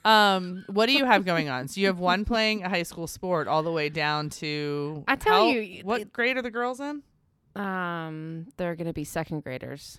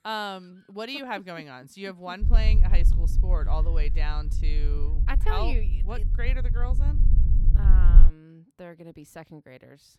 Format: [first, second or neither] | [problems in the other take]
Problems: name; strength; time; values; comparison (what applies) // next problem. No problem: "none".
first | low rumble; loud; from 2 to 8 s; 10 dB below the speech